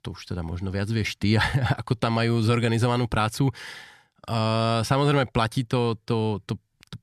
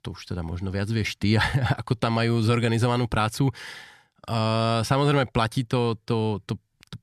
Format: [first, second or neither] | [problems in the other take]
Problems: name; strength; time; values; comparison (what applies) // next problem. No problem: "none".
neither | none